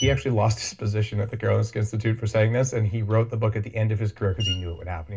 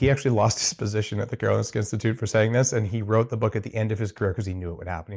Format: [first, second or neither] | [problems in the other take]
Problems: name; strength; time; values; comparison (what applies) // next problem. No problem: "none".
second | background sound (Screech); 17 dB below the speech // room echo; dies away in 0.2 s